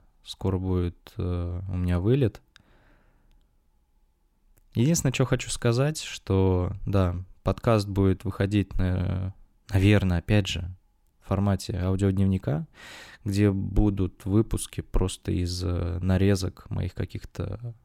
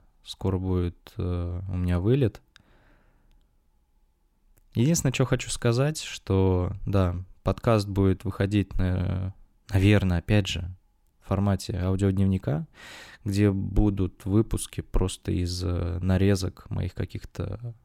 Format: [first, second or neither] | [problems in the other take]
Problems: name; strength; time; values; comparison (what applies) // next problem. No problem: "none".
neither | none